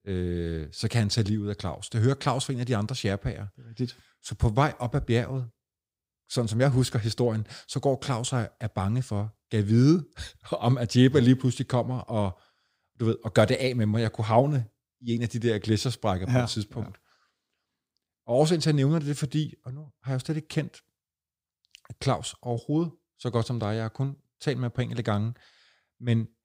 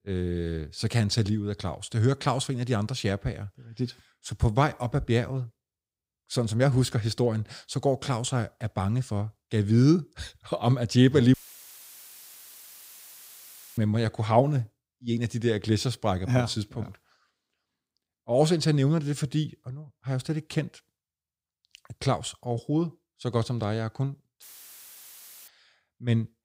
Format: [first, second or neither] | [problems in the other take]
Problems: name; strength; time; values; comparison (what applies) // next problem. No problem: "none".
first | audio cutting out; filled with static; at 11 s for 2.5 s and at 24 s for 1 s